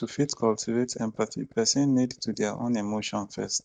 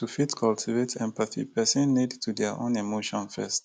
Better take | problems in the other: second | noise reduction (neural mask model DeepFilterNet 3)

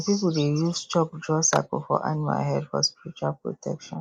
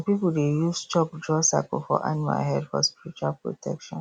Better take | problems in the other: second | noise reduction (neural mask model Resemble Enhance denoiser)

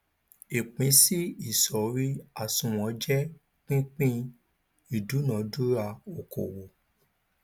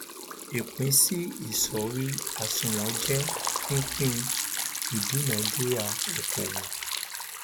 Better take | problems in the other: first | background sound (Liquid); 2 dB below the speech

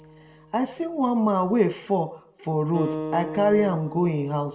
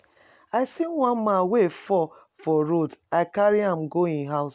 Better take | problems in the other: second | background sound (Acoustic guitar); 12 dB below the speech // room echo; dies away in 0.5 s

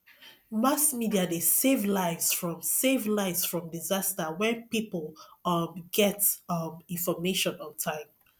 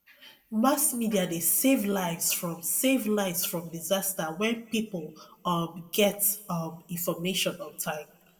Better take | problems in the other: first | room echo; dies away in 0.6 s

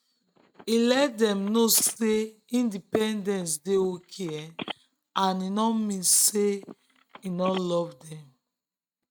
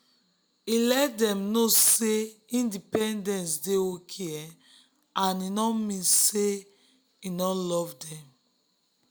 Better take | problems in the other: second | noise reduction (neural mask model RNNoise)

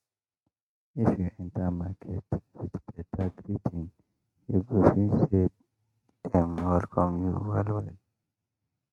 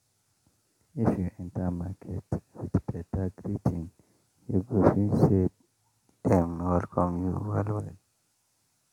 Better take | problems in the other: second | noise reduction (neural mask model RNNoise)

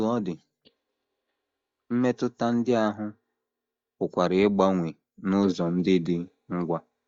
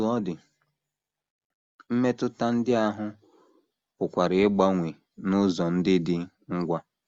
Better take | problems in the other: second | noise reduction (neural mask model DeepFilterNet 3)

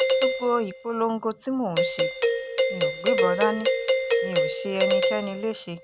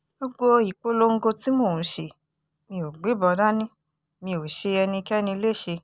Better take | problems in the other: second | background sound (Doorbell); 4 dB above the speech

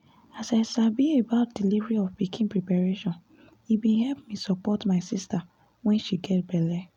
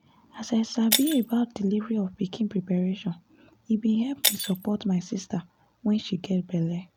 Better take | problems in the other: first | background sound (Shatter); 8 dB below the speech

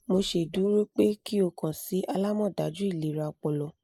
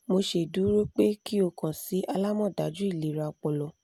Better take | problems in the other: second | noise reduction (neural mask model Resemble Enhance denoiser)

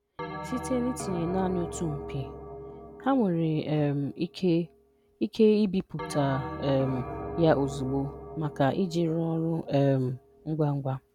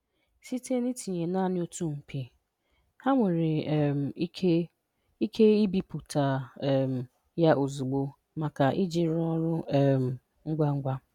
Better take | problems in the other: second | background sound (Bell); 12 dB below the speech

